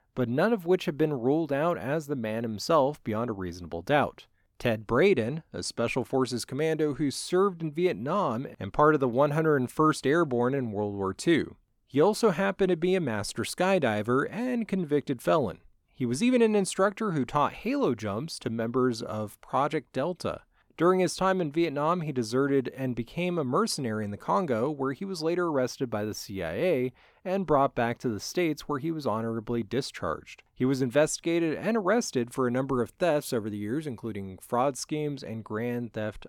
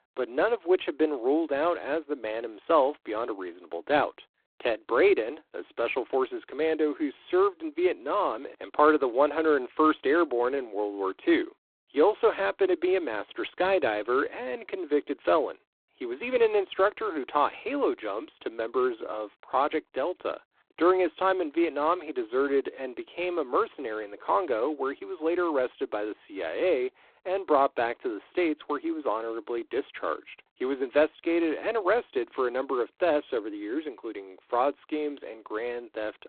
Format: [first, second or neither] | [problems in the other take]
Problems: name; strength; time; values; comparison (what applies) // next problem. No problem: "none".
first | phone-call audio; poor line; nothing above 4 kHz